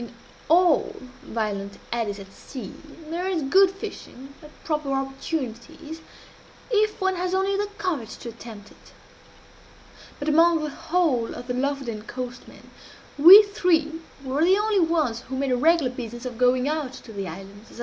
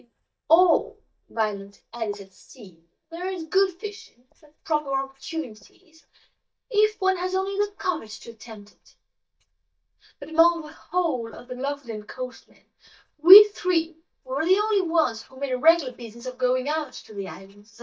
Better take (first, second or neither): first